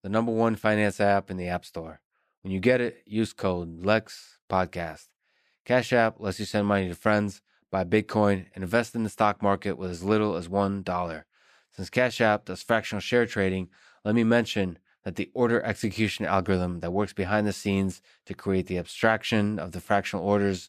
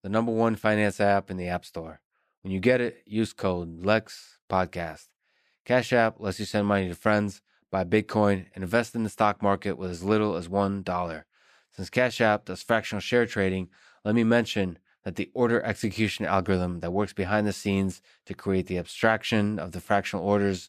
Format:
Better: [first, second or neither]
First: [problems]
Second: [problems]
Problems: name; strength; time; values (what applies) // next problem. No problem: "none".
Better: neither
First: none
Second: none